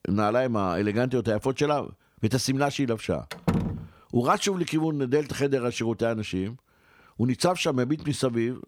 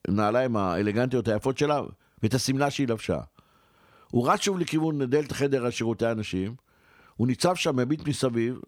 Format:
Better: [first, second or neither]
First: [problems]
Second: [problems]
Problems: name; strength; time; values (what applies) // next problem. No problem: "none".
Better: second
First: door banging; noticeable; at 3.5 s; peak 1 dB below the speech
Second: none